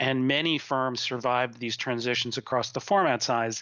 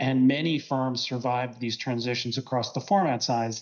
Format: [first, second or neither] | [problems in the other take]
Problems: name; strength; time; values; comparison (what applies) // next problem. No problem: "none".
first | noise reduction (neural mask model DeepFilterNet 3)